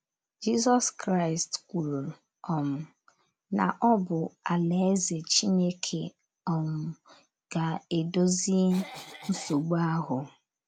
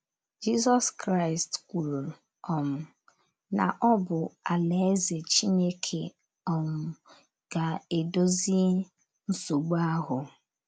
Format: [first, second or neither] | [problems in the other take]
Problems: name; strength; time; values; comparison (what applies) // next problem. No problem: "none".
second | background sound (Cough); 16 dB below the speech